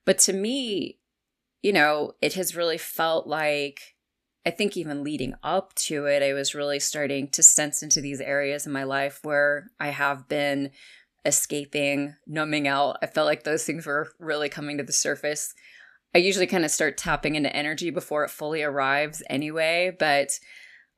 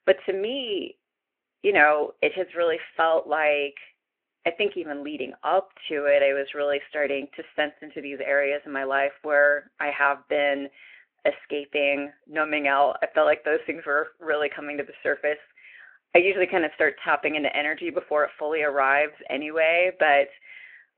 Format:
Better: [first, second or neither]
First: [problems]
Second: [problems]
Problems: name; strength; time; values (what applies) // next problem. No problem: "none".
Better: first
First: none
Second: phone-call audio